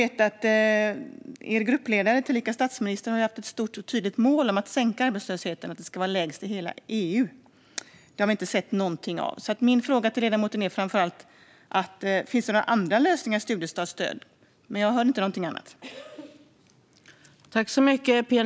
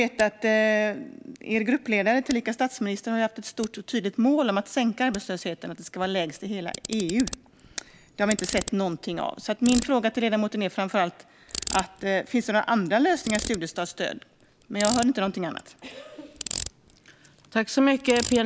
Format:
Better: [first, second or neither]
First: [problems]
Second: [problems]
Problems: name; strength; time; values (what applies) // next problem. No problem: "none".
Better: first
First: none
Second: background sound (Ratchet, pawl); 13 dB below the speech